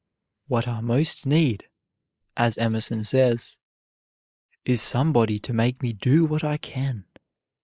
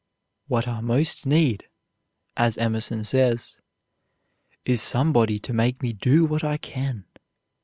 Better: second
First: noise reduction (neural mask model Resemble Enhance denoiser)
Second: none

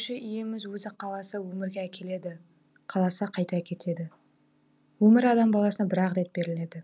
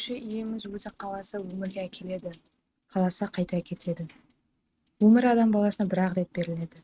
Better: first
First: none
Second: noise reduction (neural mask model RNNoise)

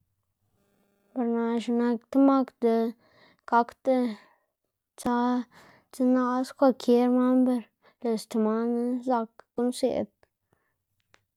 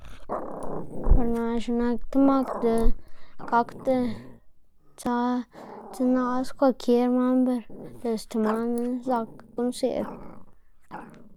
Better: first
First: none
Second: background sound (Growling); 2 dB below the speech

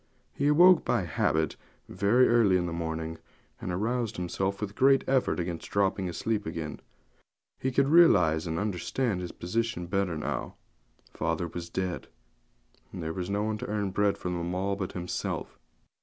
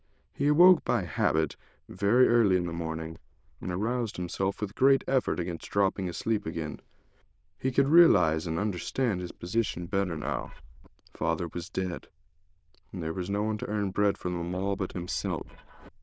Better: first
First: none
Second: noise reduction (neural diffusion model UNIVERSE++)

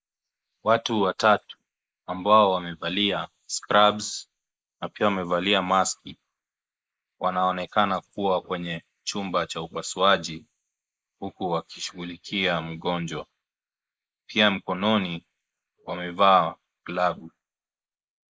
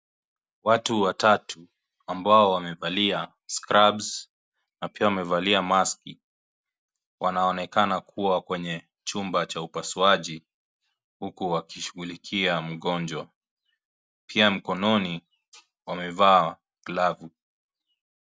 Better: second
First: noise reduction (neural mask model Resemble Enhance denoiser)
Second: none

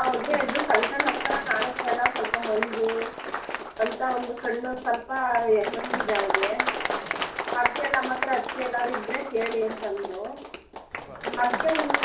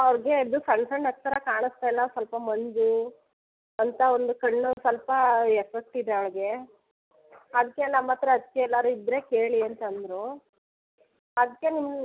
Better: second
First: background sound (Applause); 2 dB below the speech // room echo; dies away in 0.4 s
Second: none

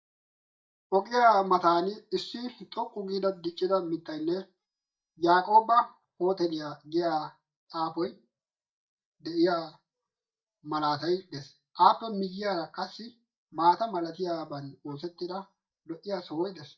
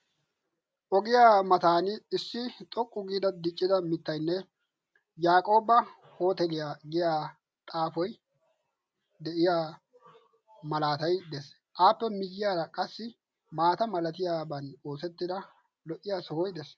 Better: second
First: noise reduction (neural mask model DeepFilterNet 3)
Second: none

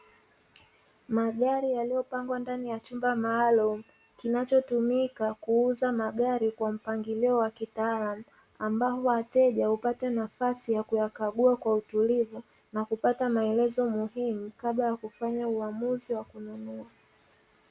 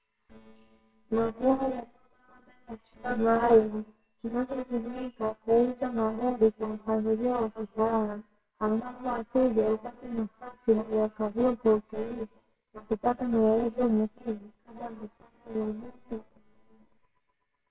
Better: first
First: none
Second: noise reduction (neural separator model SepFormer WHAMR!)

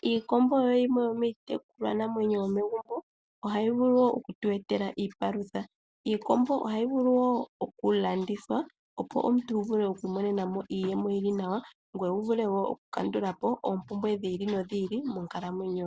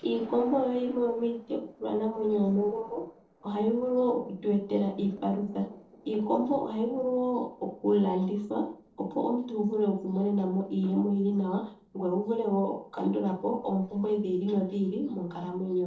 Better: first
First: none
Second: noise reduction (neural separator model SepFormer DNS4)

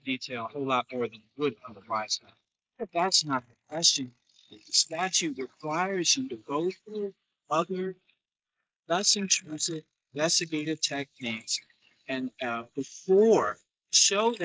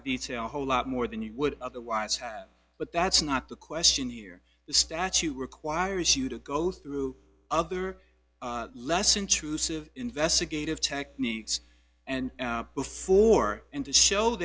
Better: second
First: noise reduction (neural mask model Resemble Enhance denoiser)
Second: none

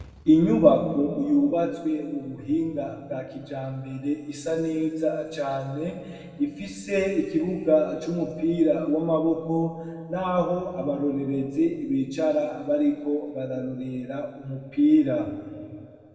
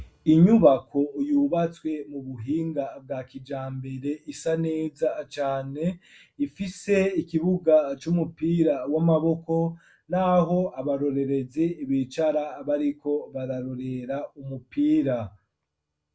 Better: second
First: room echo; dies away in 1.8 s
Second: none

